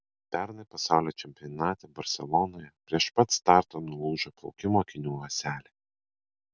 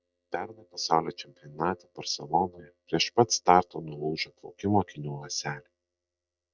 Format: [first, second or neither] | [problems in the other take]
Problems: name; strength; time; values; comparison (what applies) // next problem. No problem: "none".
first | noise reduction (neural mask model DeepFilterNet 3)